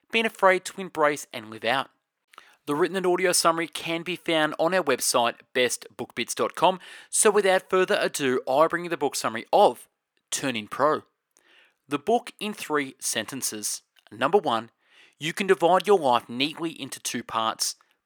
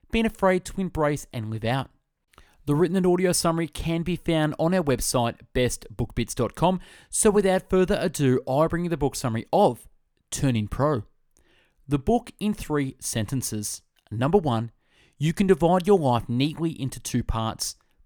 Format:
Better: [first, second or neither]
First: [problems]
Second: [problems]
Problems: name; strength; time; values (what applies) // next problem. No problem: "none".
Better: second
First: thin; somewhat; fading below 400 Hz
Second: none